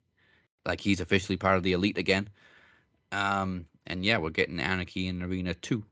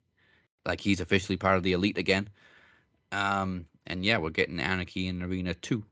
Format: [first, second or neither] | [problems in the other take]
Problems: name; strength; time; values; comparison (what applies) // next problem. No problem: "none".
neither | none